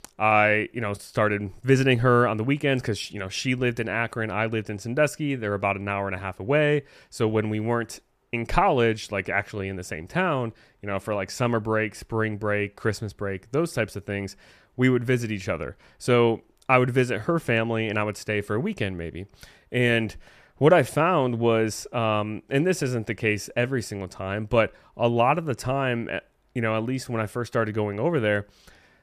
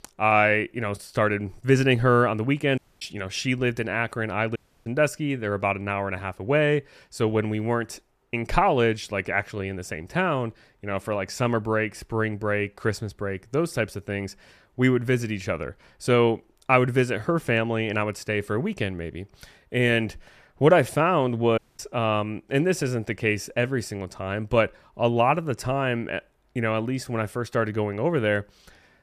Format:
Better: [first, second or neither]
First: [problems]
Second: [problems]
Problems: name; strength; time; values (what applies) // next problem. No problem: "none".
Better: first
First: none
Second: audio cutting out; at 3 s, at 4.5 s and at 22 s